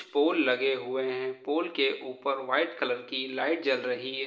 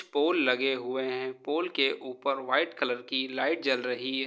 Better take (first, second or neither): second